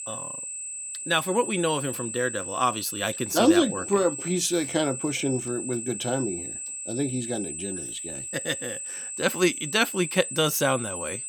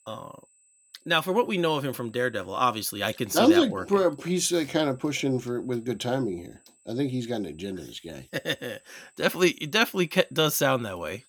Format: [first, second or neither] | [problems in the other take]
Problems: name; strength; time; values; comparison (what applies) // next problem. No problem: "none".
second | high-pitched whine; loud; throughout; 8 kHz, 6 dB below the speech; faint in the second